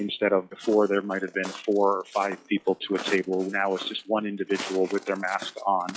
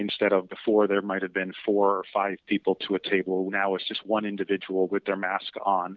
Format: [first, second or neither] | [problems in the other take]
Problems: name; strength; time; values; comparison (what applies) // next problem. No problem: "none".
second | noise reduction (classical method log-MMSE)